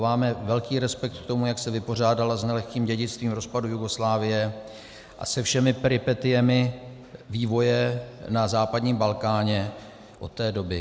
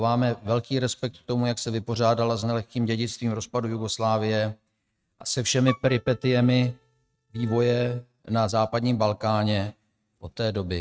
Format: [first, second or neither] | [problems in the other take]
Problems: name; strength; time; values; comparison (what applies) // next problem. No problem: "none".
first | noise reduction (neural mask model RNNoise)